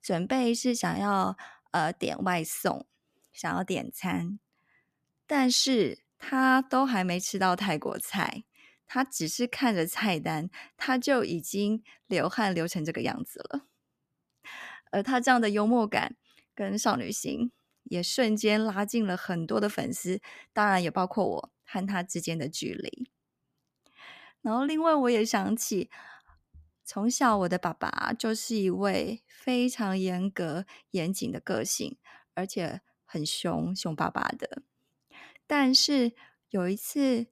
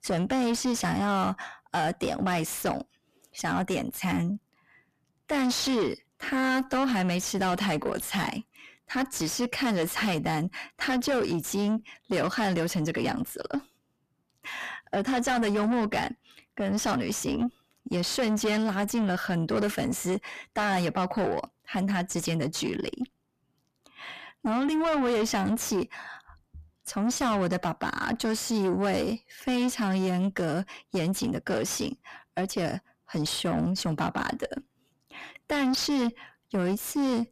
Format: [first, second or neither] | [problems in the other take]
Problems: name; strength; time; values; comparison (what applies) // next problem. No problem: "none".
first | distortion; heavy; 6 dB below the speech